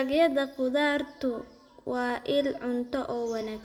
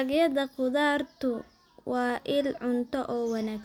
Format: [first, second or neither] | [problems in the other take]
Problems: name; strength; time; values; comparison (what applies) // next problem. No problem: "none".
second | room echo; dies away in 0.8 s